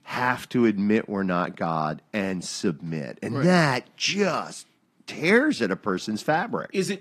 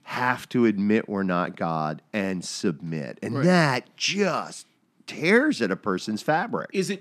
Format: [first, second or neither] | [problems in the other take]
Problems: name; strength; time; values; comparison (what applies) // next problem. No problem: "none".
second | garbled, watery; slightly; nothing above 14 kHz